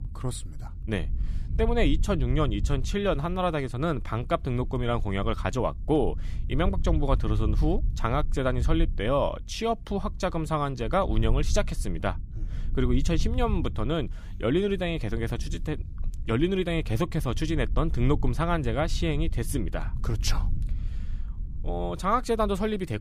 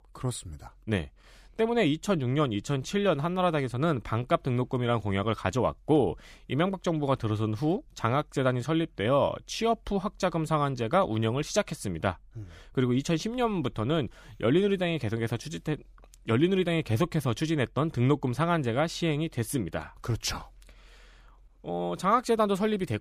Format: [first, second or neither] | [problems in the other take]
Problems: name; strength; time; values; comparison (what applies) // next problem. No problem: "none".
second | low rumble; faint; throughout; 20 dB below the speech